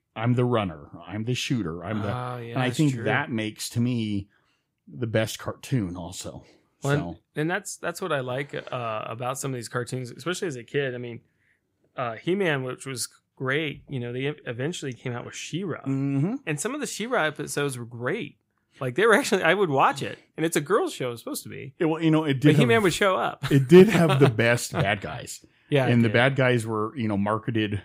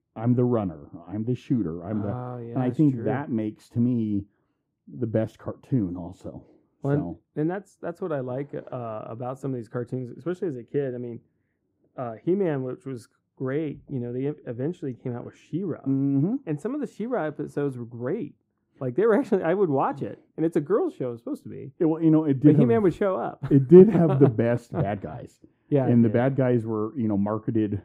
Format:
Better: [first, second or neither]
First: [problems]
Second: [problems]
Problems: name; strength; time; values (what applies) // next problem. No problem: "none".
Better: first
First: none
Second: muffled; very; fading above 1.5 kHz